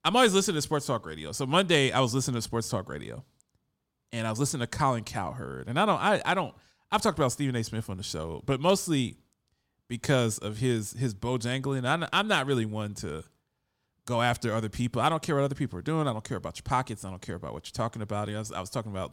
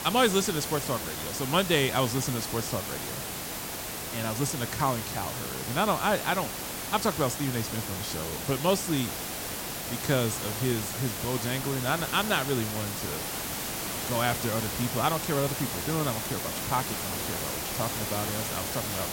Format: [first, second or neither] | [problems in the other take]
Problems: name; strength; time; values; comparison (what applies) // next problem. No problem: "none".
first | hiss; loud; throughout; 3 dB below the speech